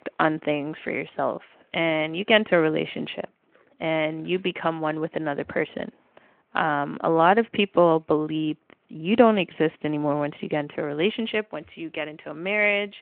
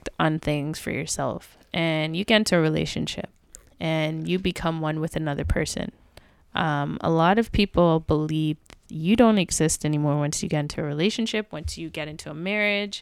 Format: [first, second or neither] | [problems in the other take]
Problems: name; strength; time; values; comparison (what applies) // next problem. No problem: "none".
second | phone-call audio